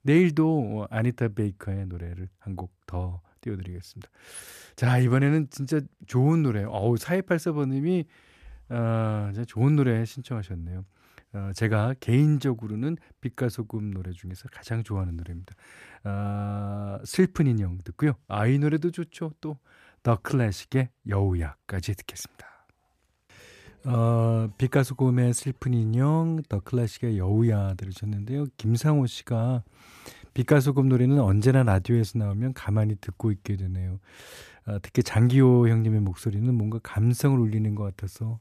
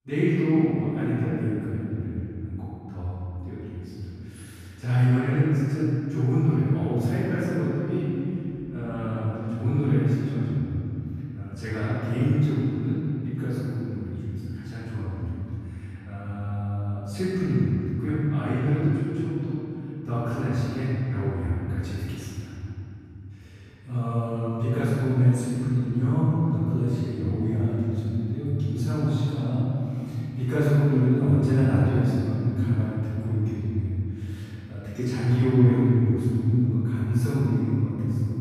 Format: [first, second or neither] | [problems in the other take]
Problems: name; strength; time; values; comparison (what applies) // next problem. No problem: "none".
first | room echo; strong; dies away in 3 s // off-mic speech; far